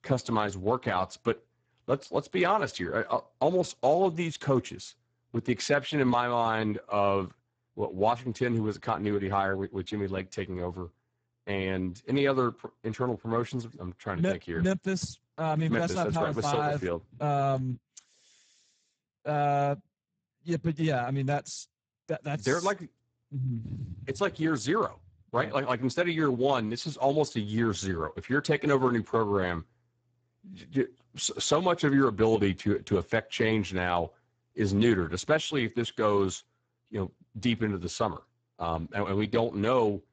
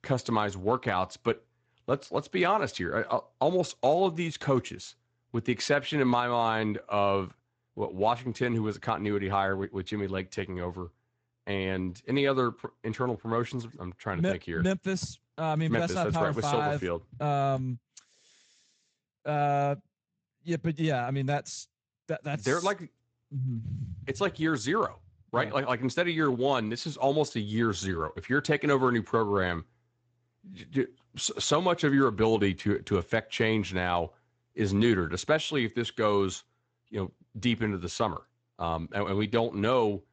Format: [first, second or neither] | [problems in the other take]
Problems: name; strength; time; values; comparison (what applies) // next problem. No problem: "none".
second | garbled, watery; badly; nothing above 7.5 kHz; slightly in the second